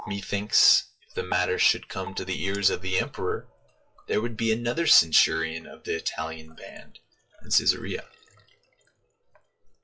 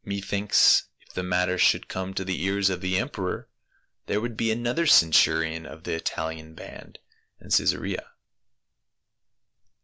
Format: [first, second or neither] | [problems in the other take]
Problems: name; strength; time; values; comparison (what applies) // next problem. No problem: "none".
second | noise reduction (classical method WPE with log-MMSE)